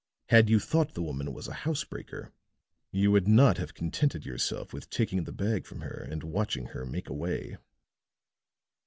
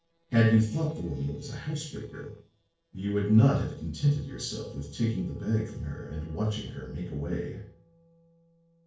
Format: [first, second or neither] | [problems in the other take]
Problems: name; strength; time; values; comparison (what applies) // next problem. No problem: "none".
first | noise reduction (neural separator model SepFormer DNS4)